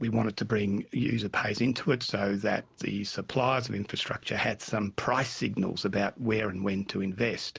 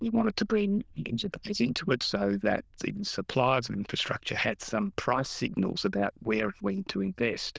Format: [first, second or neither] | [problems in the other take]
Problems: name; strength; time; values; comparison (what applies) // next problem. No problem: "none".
first | noise reduction (neural diffusion model UNIVERSE++)